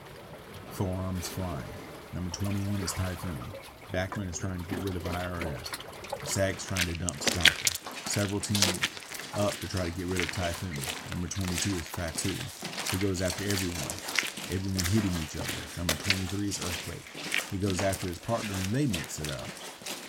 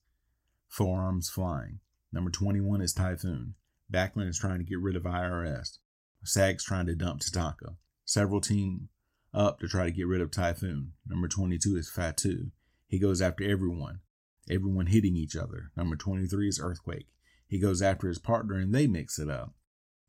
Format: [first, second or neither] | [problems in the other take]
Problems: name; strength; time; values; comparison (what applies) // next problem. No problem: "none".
second | rain or running water; very loud; throughout; 1 dB above the speech